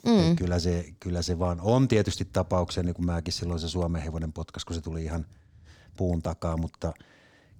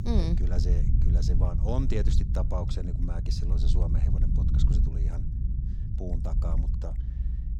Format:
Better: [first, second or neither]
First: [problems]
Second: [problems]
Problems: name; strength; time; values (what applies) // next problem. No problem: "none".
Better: first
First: none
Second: low rumble; loud; throughout; 4 dB below the speech